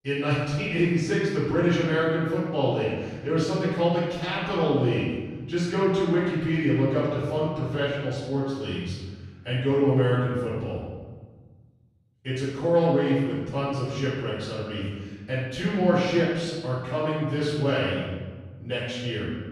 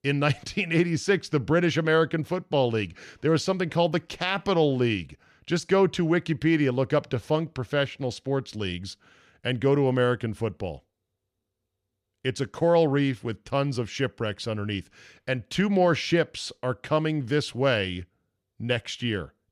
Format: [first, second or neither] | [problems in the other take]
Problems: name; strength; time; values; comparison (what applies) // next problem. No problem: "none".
second | room echo; strong; dies away in 1.4 s // off-mic speech; far